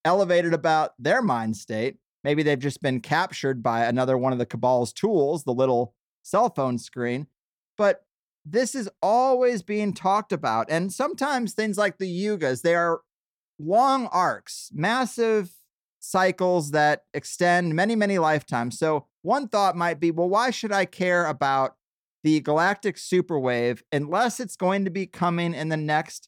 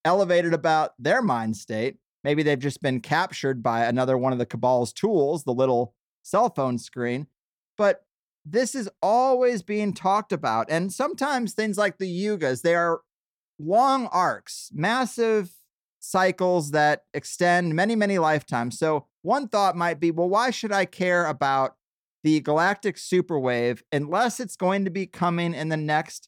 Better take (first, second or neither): neither